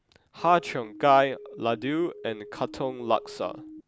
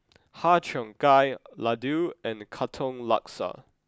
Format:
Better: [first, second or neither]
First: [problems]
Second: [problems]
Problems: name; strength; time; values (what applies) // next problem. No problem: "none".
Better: second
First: background sound (Siren); 17 dB below the speech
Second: none